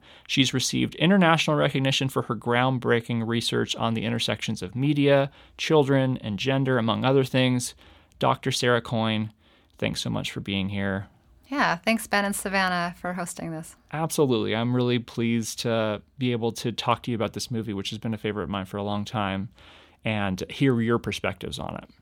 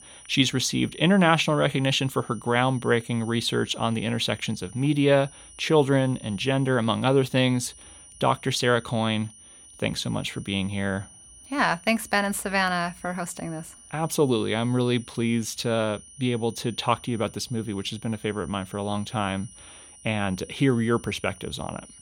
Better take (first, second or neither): first